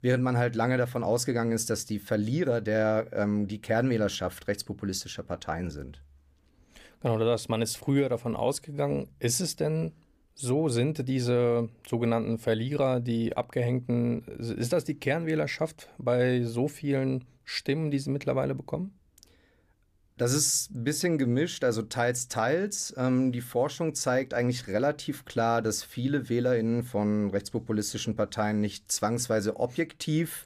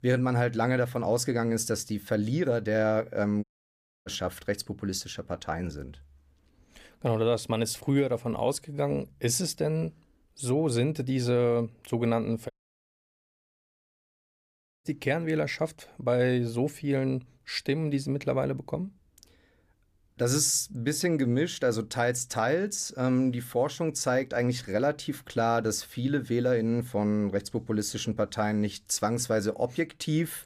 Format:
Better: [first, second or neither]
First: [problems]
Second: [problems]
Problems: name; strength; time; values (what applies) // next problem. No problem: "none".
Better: first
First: none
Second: audio cutting out; at 3.5 s for 0.5 s and at 13 s for 2.5 s